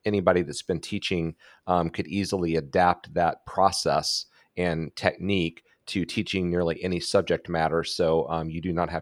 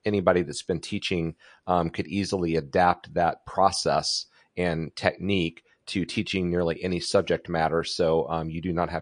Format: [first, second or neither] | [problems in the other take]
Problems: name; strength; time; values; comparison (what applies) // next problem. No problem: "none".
first | garbled, watery; slightly; nothing above 9 kHz